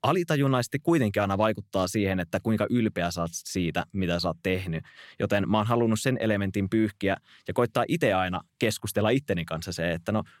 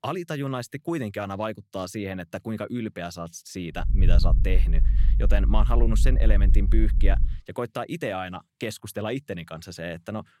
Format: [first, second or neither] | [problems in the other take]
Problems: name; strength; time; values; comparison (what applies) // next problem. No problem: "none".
first | low rumble; noticeable; from 4 to 7.5 s; 10 dB below the speech